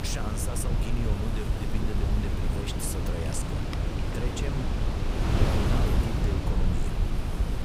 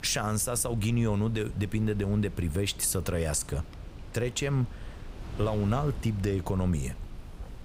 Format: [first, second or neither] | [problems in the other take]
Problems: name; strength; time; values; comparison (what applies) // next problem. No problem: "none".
second | wind noise on the microphone; heavy; 3 dB above the speech; occasional gusts in the second